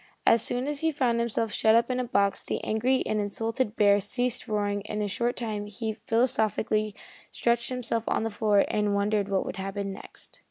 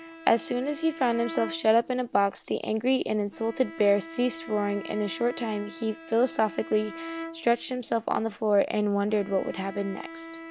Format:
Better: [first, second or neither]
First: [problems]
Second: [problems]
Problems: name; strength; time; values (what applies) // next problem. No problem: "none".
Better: first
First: none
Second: background sound (Bowed string instrument); 15 dB below the speech